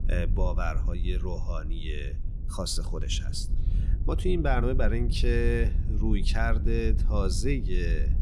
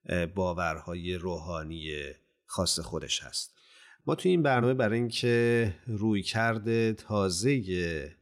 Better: second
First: wind noise on the microphone; occasional gusts; 15 dB below the speech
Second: none

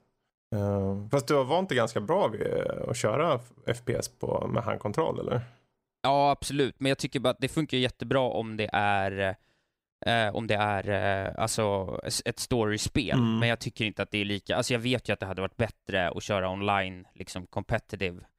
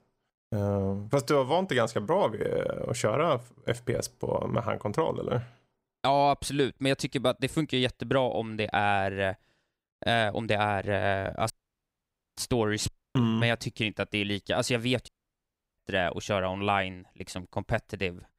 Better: first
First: none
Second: audio cutting out; at 12 s for 1 s, at 13 s and at 15 s for 0.5 s

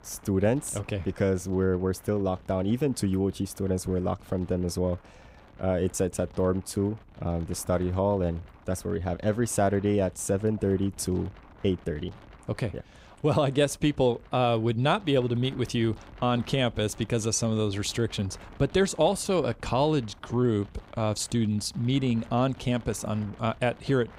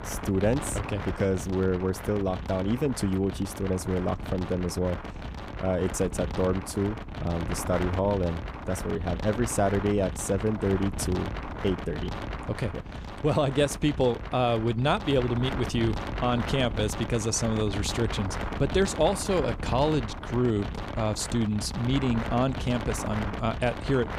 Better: first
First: wind noise on the microphone; occasional gusts; 25 dB below the speech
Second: wind noise on the microphone; heavy; 7 dB below the speech

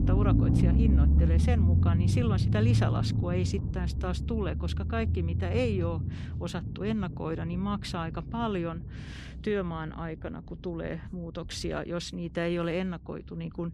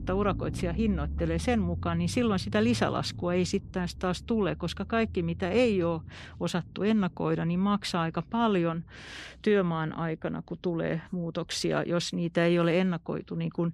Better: second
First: low rumble; loud; throughout; 4 dB below the speech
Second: low rumble; faint; throughout; 20 dB below the speech

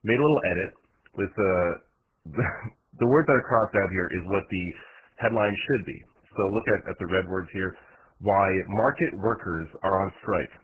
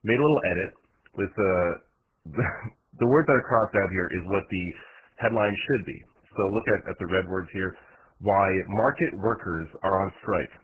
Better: neither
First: garbled, watery; badly; nothing above 2.5 kHz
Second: garbled, watery; badly; nothing above 2.5 kHz

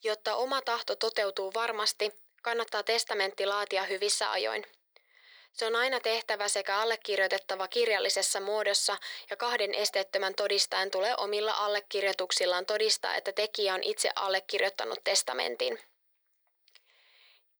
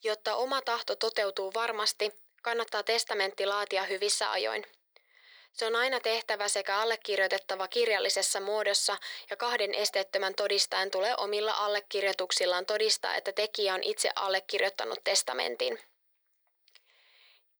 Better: neither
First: thin; very; fading below 450 Hz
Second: thin; very; fading below 450 Hz

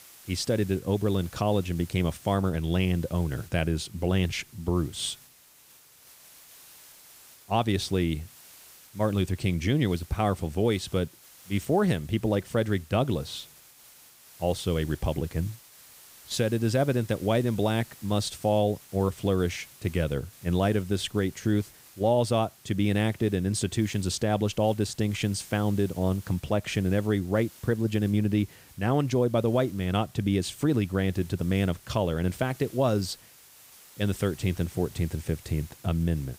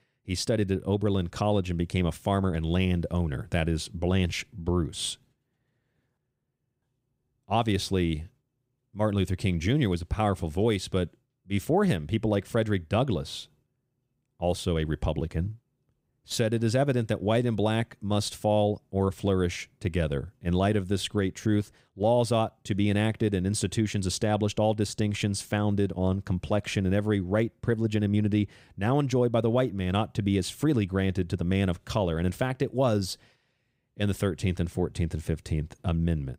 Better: second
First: hiss; faint; throughout; 20 dB below the speech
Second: none

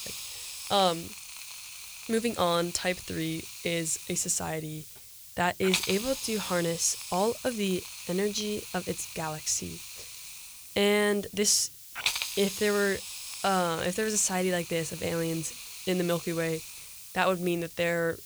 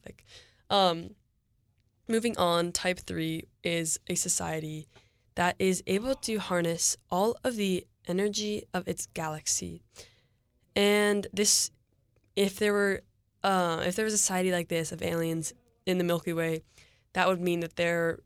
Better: second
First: hiss; loud; throughout; 9 dB below the speech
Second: none

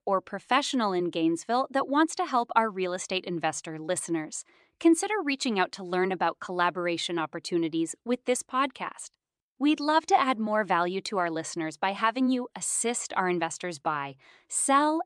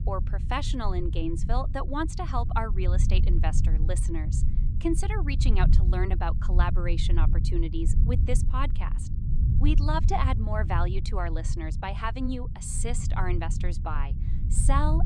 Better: first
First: none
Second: low rumble; noticeable; throughout; 10 dB below the speech

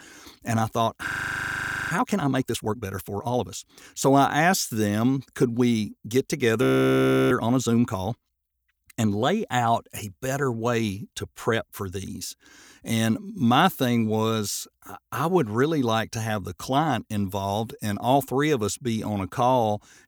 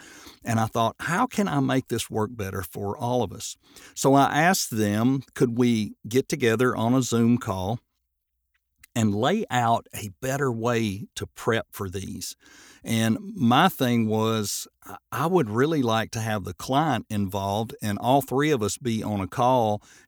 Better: second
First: audio freezing; at 1 s for 1 s and at 6.5 s for 0.5 s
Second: none

